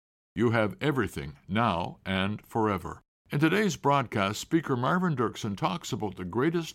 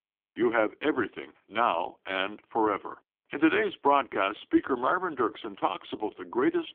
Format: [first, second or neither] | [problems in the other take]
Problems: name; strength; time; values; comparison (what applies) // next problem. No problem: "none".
first | phone-call audio; poor line; nothing above 3.5 kHz